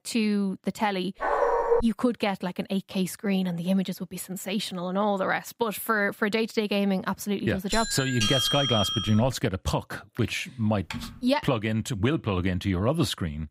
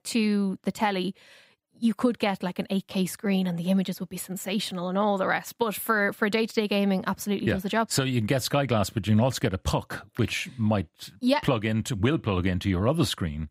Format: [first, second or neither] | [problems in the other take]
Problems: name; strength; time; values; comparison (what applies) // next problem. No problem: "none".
second | dog barking; loud; at 1 s; peak 4 dB above the speech // doorbell; loud; from 7.5 to 9.5 s; peak 3 dB above the speech // keyboard typing; faint; at 11 s; peak 10 dB below the speech